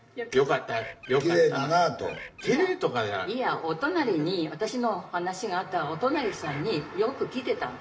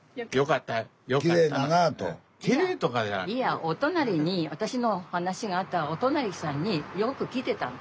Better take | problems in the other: second | background sound (Bird); 14 dB below the speech // room echo; dies away in 0.5 s

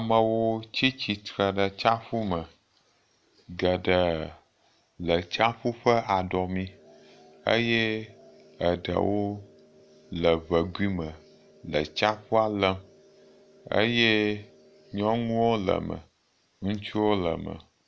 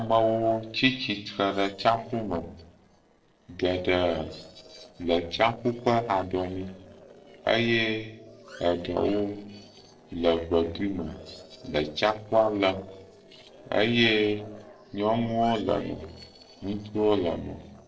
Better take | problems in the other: first | noise reduction (neural separator model SepFormer DNS4)

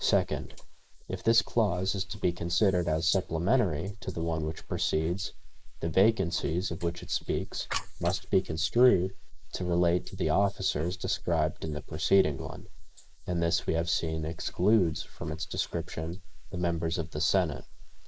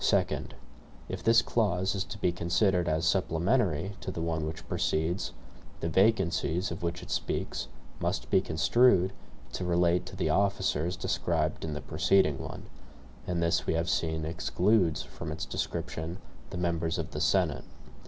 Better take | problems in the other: second | noise reduction (neural mask model Resemble Enhance denoiser)

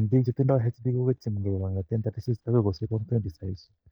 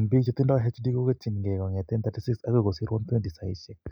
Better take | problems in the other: second | noise reduction (neural mask model DeepFilterNet 3)

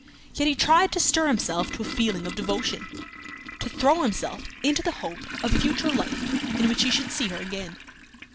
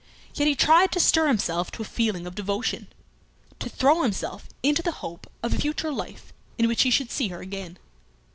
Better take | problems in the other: second | background sound (Toilet flush); 7 dB below the speech

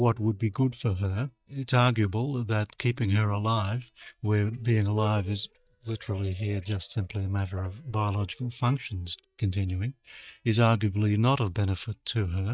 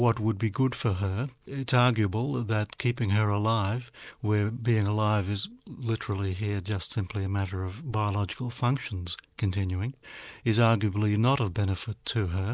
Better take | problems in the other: second | noise reduction (neural mask model DeepFilterNet 3)

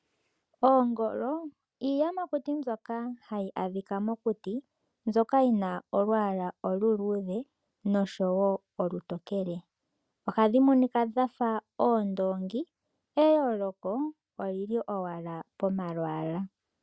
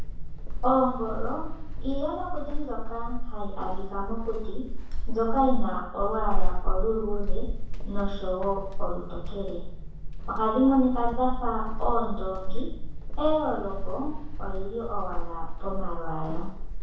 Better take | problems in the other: first | background sound (Squeak / Walk, footsteps); 5 dB above the speech // room echo; dies away in 0.7 s

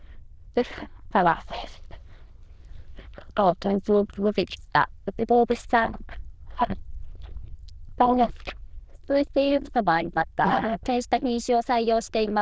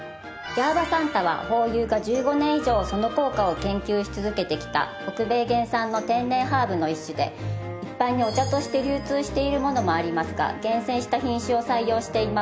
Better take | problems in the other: second | noise reduction (neural diffusion model UNIVERSE++)

